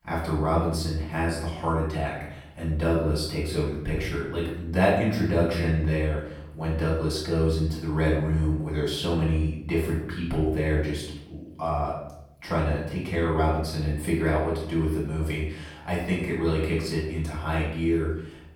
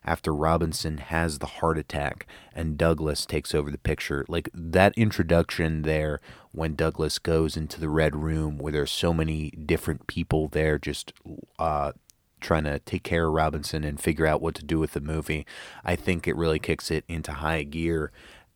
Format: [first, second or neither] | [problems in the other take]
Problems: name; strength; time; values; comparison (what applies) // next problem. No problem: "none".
second | off-mic speech; far // room echo; noticeable; dies away in 0.7 s